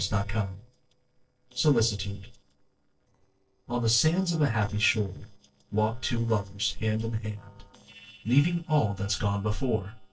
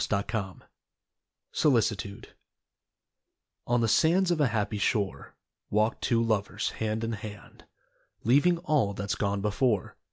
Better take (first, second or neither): second